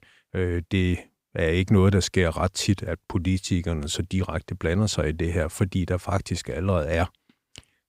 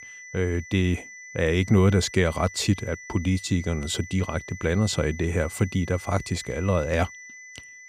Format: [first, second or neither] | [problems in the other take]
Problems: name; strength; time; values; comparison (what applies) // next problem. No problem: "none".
first | high-pitched whine; noticeable; throughout; 2 kHz, 15 dB below the speech